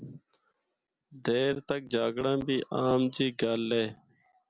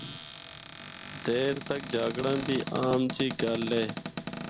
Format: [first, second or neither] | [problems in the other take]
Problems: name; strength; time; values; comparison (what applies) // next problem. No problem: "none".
first | background sound (Cupboard open or close); 8 dB below the speech